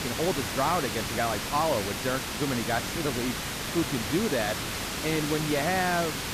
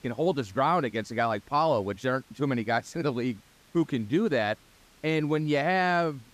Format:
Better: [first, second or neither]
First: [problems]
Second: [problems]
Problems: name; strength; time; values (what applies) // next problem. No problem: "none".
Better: second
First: hiss; loud; throughout; 2 dB below the speech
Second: hiss; faint; throughout; 30 dB below the speech